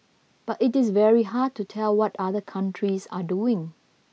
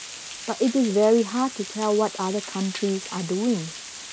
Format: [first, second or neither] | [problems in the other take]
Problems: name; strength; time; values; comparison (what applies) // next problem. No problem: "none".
first | background sound (Water); 13 dB below the speech